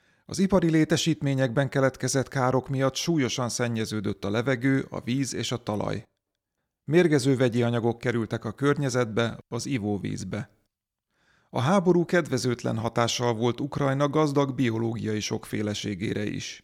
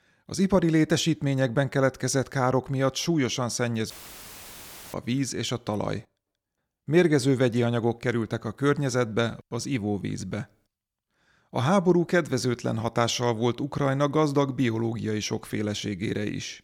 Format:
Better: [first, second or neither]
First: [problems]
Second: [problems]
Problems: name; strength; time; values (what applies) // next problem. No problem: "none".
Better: first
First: none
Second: audio cutting out; filled with static; at 4 s for 1 s